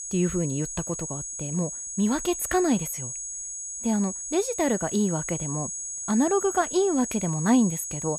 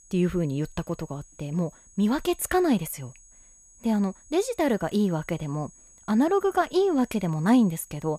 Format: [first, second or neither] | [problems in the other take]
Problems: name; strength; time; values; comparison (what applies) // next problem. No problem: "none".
second | high-pitched whine; loud; throughout; 6.5 kHz, 5 dB below the speech; faint in the second